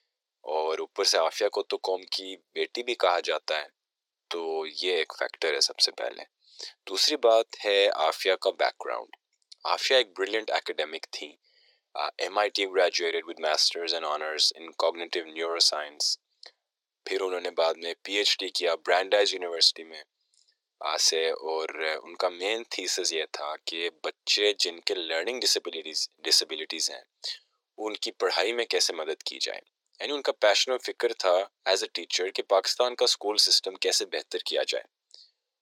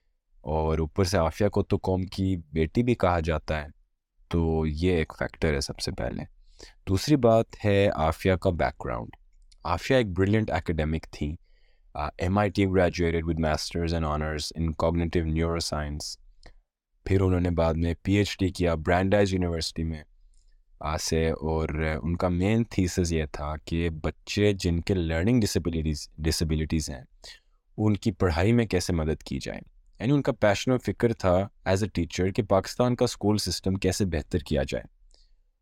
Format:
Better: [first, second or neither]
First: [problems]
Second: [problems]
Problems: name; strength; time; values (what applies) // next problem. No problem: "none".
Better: second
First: thin; very; fading below 400 Hz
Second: none